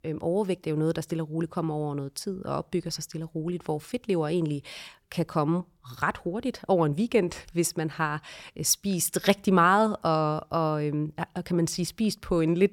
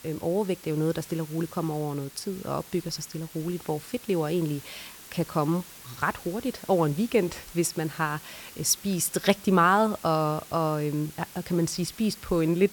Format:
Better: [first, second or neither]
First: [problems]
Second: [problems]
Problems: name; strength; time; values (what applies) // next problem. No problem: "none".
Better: first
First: none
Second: hiss; noticeable; throughout; 15 dB below the speech